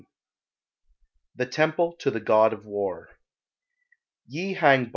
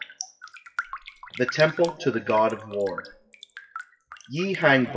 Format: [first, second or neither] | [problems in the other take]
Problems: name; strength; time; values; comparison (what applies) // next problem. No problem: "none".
first | noise reduction (classical method WPE with log-MMSE)